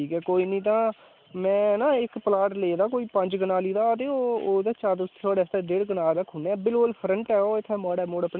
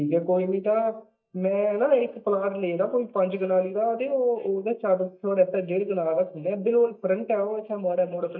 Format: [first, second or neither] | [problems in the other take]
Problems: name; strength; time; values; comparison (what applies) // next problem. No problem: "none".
first | noise reduction (neural mask model DeepFilterNet 3)